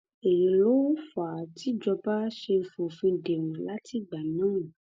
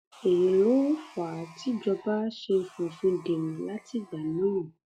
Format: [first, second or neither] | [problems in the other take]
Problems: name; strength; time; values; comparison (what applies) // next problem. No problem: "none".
first | noise reduction (classical method log-MMSE)